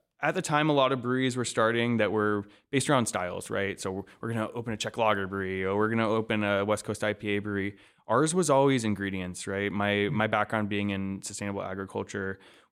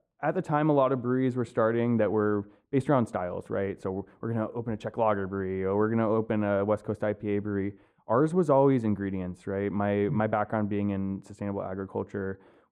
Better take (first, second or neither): first